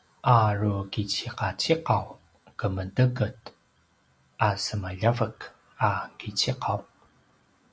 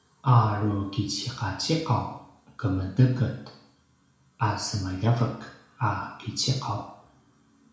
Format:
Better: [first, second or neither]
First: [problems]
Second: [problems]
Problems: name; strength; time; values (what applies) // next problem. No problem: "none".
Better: first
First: none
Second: room echo; dies away in 0.7 s